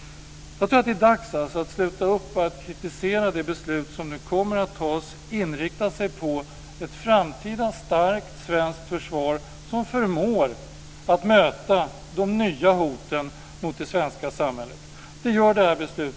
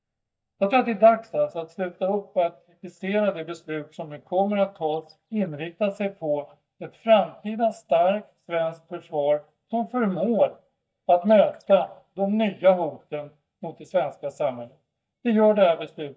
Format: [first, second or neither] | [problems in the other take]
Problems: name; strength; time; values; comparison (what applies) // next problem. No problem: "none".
first | noise reduction (neural mask model DeepFilterNet 3)